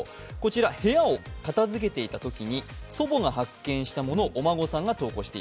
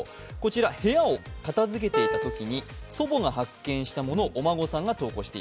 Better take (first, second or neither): first